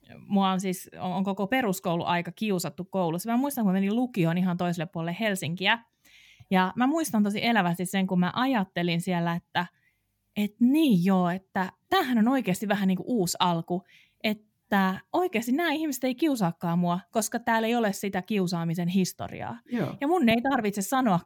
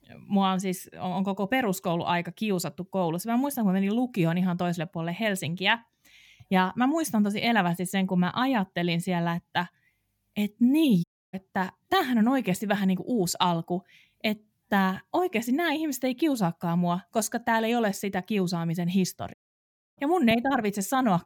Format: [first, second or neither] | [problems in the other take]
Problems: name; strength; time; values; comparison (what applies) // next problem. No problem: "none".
first | audio cutting out; at 11 s and at 19 s for 0.5 s